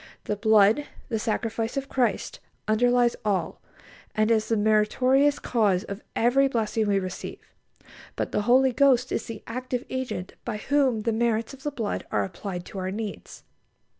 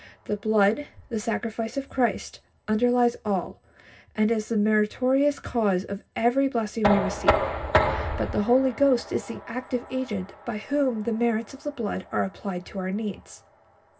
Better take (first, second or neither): first